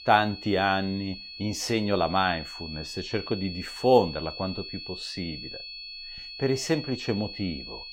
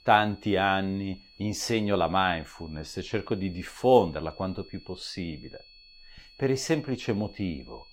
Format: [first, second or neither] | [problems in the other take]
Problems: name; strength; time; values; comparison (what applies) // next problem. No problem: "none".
second | high-pitched whine; loud; throughout; 4.5 kHz, 10 dB below the speech; faint in the second